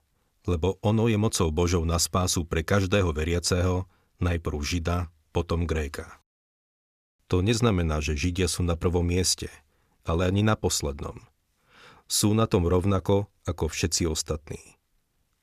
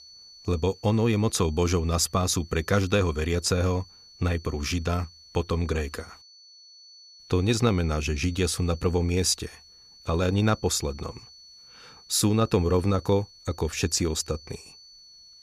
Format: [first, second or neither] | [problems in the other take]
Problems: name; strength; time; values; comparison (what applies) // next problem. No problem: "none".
first | high-pitched whine; faint; throughout; 4.5 kHz, 20 dB below the speech